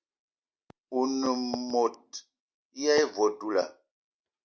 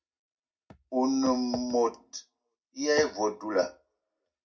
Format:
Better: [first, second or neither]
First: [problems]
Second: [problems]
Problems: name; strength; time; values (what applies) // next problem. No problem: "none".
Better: first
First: none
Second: room echo; dies away in 0.4 s